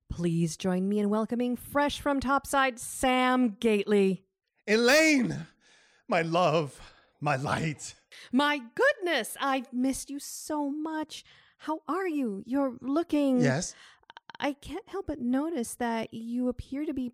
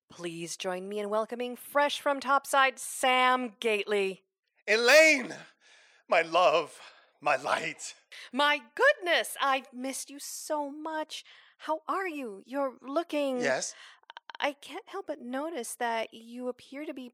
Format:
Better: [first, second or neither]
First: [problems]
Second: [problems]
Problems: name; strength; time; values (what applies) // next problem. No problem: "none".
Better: first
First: none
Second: thin; somewhat; fading below 450 Hz